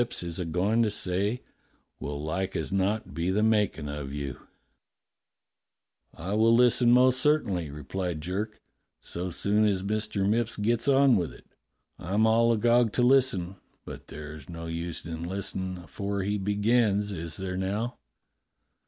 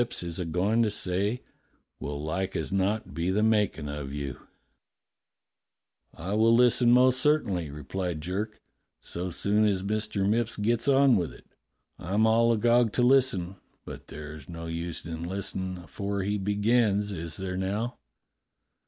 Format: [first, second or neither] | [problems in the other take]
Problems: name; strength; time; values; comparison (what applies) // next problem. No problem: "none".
first | noise reduction (neural mask model Resemble Enhance denoiser)